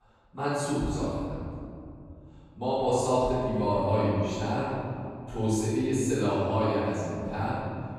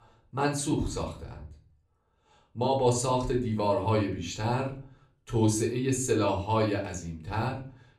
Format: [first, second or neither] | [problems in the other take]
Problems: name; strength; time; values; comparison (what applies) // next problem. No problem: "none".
second | room echo; strong; dies away in 2.8 s; slight in the second // off-mic speech; far; far in the second